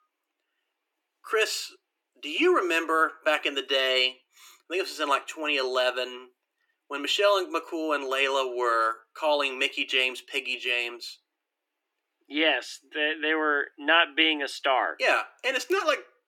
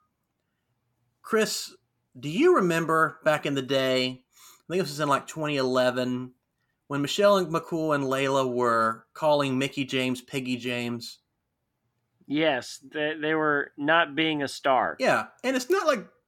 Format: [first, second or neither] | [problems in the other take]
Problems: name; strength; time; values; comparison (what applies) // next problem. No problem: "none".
second | thin; somewhat; fading below 300 Hz